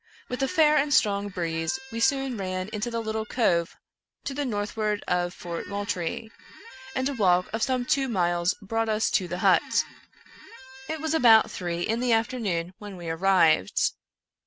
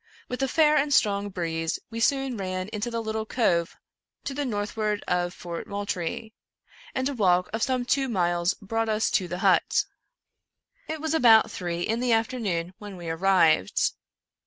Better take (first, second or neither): second